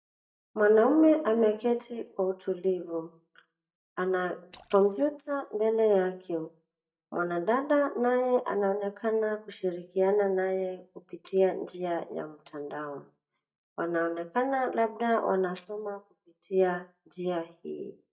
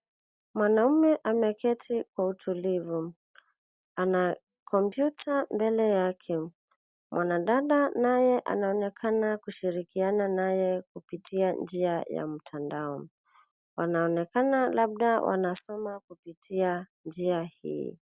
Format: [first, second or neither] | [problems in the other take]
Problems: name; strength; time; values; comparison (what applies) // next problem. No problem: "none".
second | noise reduction (neural mask model DeepFilterNet 3)